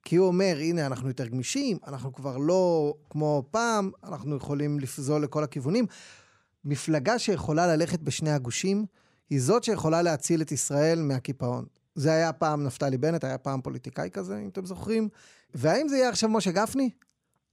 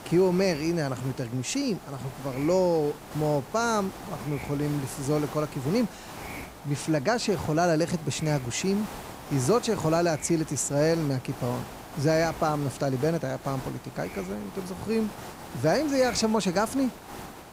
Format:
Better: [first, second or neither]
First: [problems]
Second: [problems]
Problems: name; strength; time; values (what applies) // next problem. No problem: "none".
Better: first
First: none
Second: hiss; noticeable; throughout; 15 dB below the speech